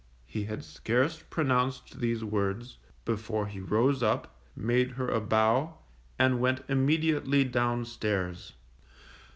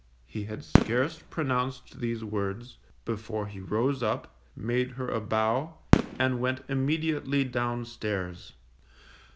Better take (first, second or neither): first